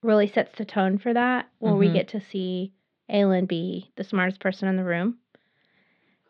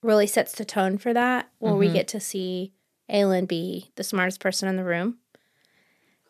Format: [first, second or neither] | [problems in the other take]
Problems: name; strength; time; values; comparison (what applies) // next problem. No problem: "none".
second | muffled; slightly; fading above 3.5 kHz